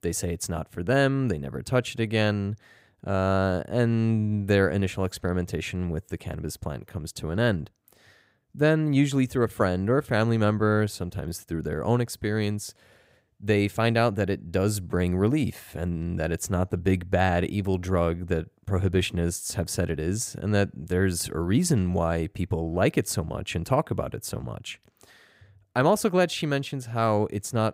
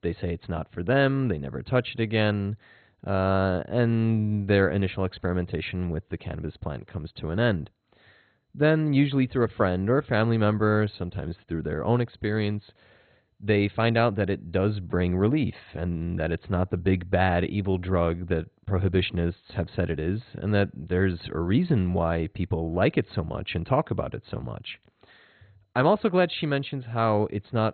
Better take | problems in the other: first | garbled, watery; badly; nothing above 4 kHz

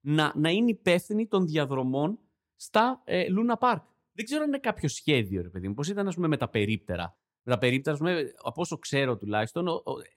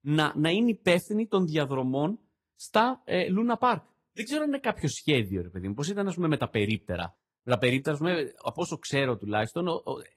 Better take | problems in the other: first | garbled, watery; slightly

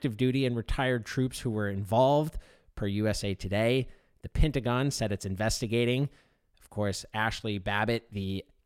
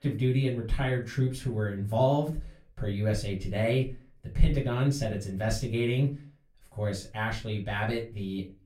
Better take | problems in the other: first | off-mic speech; far // room echo; very slight; dies away in 0.3 s

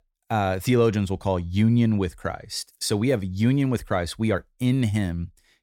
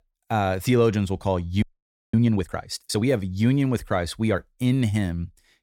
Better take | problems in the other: first | audio freezing; at 1.5 s for 0.5 s

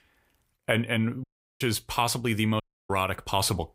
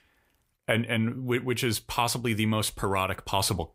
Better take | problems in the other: second | audio cutting out; at 1 s and at 2.5 s

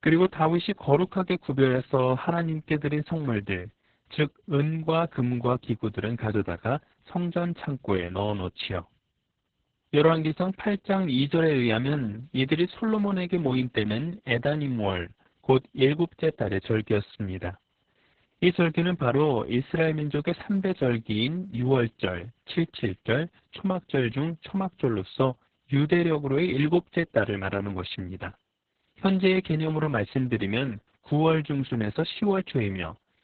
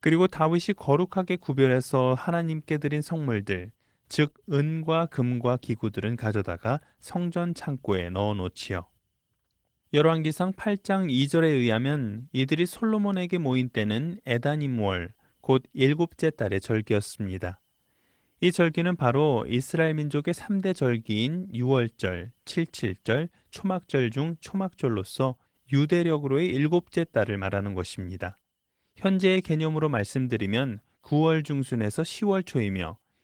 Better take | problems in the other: second | garbled, watery; badly; nothing above 4 kHz; slightly in the second

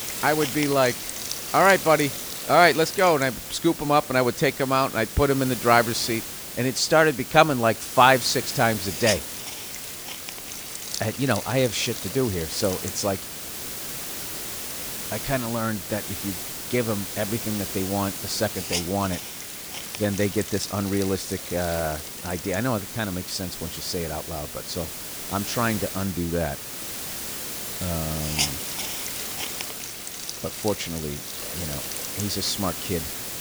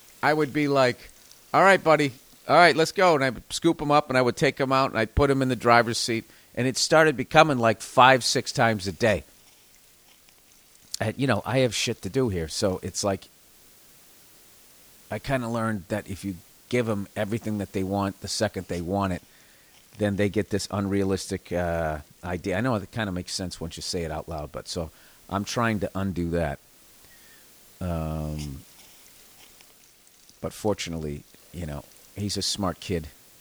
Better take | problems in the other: second | hiss; loud; throughout; 7 dB below the speech; faint in the second

